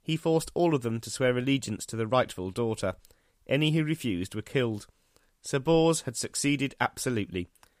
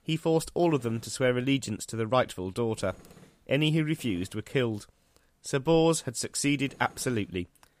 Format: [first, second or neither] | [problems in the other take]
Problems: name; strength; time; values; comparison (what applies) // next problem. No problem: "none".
first | machinery noise; faint; throughout; 25 dB below the speech